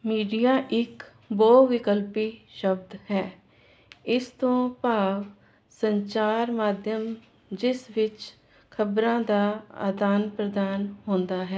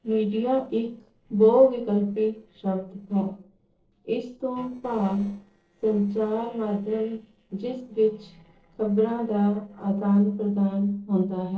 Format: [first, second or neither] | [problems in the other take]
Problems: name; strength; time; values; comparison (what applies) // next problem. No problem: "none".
first | noise reduction (neural separator model SepFormer DNS4)